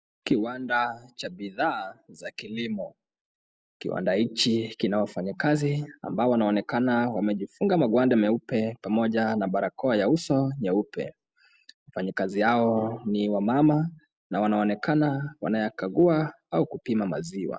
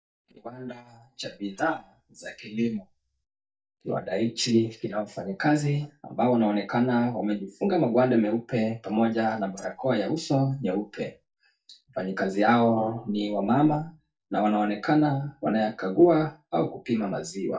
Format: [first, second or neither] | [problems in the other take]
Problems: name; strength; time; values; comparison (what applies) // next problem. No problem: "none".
first | noise reduction (neural mask model DeepFilterNet 3)